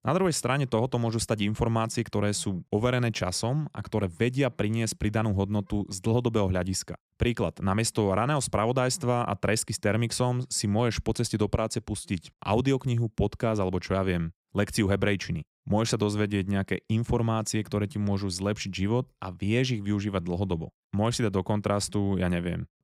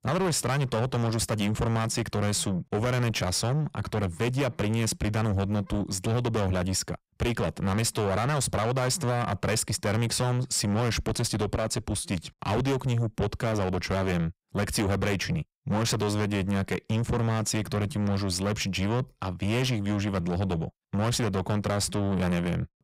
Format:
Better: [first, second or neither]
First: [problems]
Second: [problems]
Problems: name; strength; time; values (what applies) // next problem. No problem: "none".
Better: first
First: none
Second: distortion; heavy; 7 dB below the speech